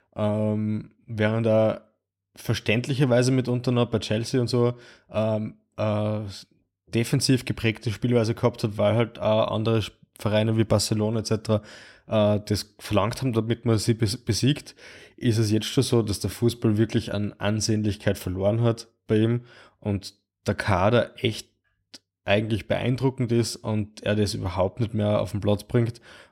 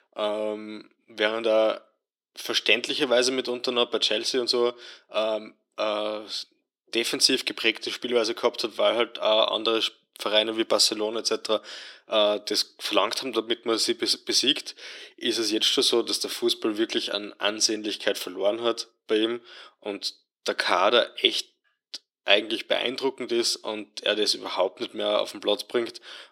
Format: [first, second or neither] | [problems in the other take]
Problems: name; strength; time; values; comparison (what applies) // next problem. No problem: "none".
first | thin; very; fading below 350 Hz